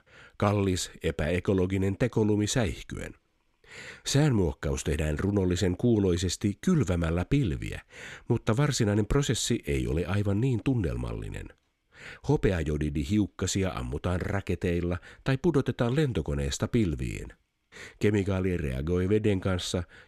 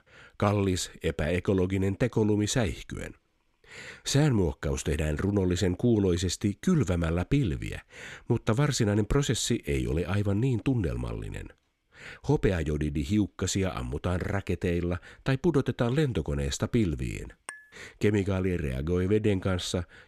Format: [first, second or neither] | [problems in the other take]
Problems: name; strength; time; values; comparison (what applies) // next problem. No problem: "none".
first | clattering dishes; faint; at 17 s; peak 15 dB below the speech